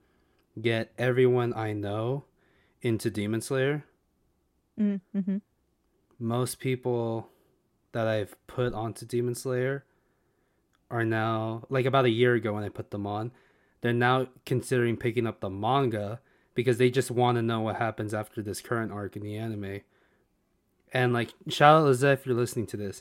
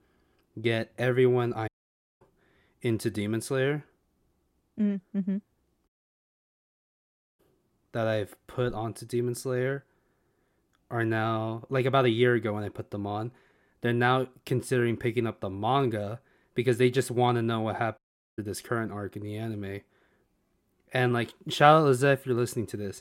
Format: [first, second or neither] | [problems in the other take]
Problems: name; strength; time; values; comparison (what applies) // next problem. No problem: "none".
first | audio cutting out; at 1.5 s for 0.5 s, at 6 s for 1.5 s and at 18 s